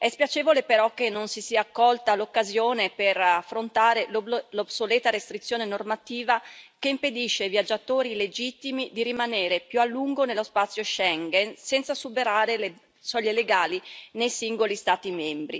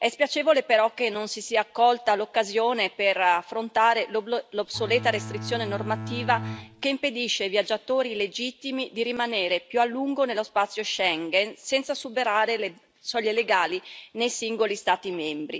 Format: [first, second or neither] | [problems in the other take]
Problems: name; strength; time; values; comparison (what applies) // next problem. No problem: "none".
first | background sound (Bowed string instrument); 9 dB below the speech